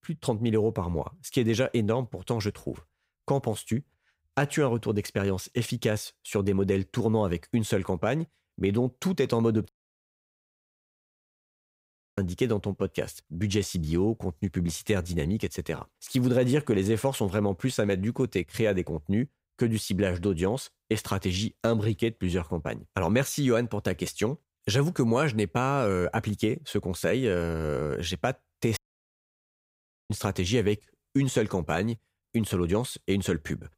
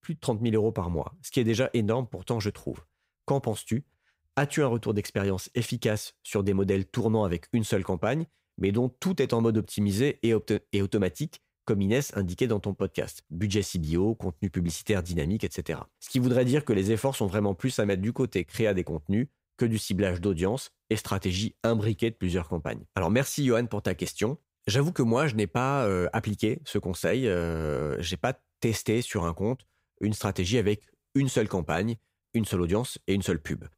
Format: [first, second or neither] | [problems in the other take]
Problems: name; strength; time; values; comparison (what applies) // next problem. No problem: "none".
second | audio cutting out; at 9.5 s for 2.5 s and at 29 s for 1.5 s